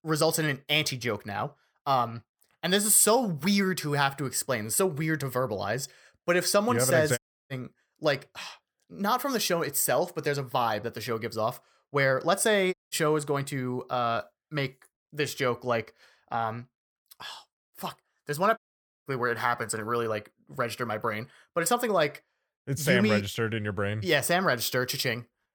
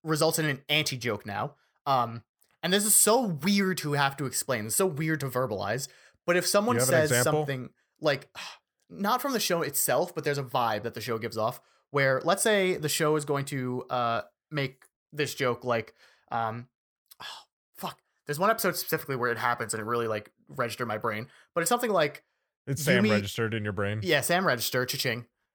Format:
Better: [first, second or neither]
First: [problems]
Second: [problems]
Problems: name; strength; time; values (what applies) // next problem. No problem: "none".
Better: second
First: audio cutting out; at 7 s, at 13 s and at 19 s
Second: none